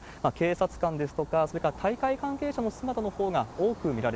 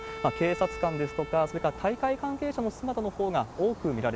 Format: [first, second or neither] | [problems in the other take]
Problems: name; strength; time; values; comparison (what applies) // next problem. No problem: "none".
first | background sound (Bowed string instrument); 14 dB below the speech